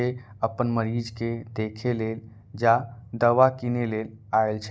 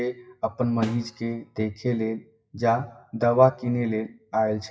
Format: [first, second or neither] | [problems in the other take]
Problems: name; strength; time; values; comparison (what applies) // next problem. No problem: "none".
first | noise reduction (classical method WPE with log-MMSE)